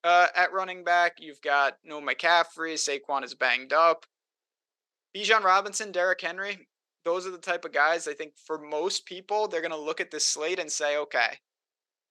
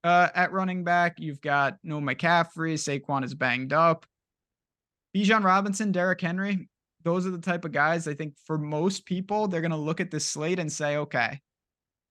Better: second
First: thin; very; fading below 400 Hz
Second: none

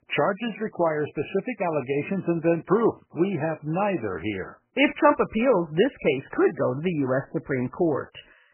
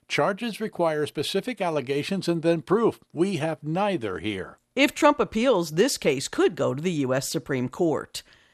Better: second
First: garbled, watery; badly; nothing above 3 kHz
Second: none

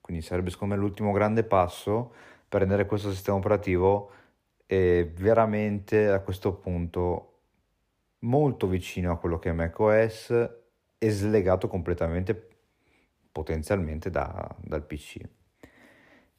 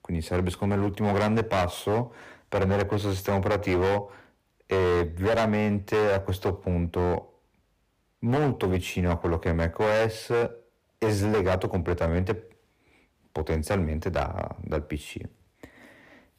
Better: first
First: none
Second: distortion; heavy; 12% of the sound clipped

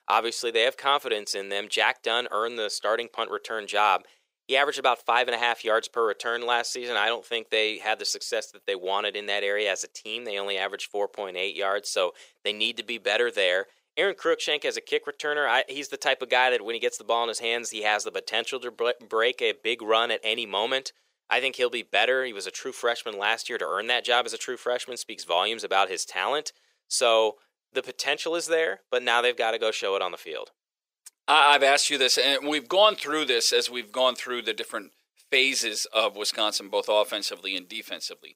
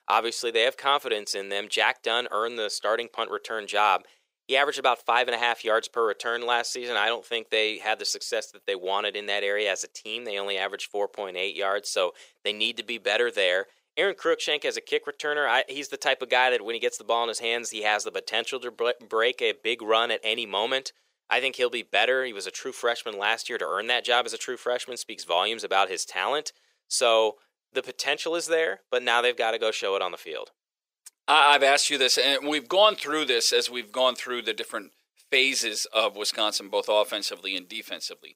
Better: neither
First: thin; very; fading below 450 Hz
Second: thin; very; fading below 450 Hz

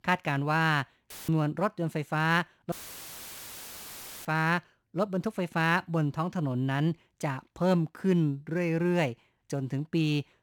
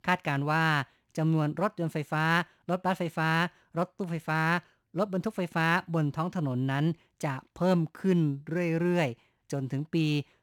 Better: second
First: audio cutting out; filled with static; at 1 s and at 2.5 s for 1.5 s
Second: none

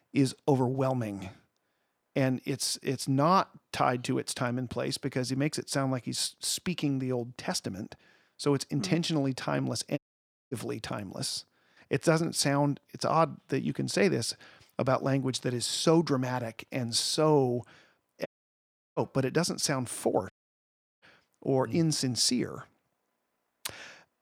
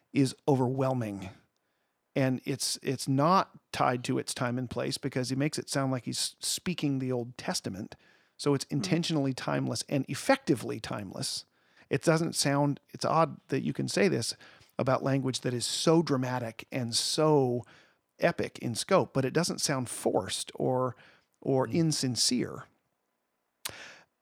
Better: second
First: audio cutting out; at 10 s for 0.5 s, at 18 s for 0.5 s and at 20 s for 0.5 s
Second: none

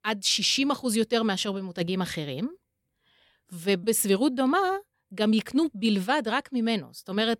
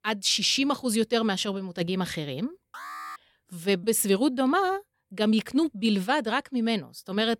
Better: first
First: none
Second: alarm; faint; at 2.5 s; peak 10 dB below the speech

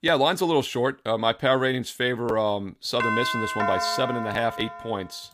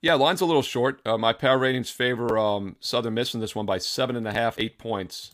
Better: second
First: doorbell; loud; from 3 s on; peak level with the speech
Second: none

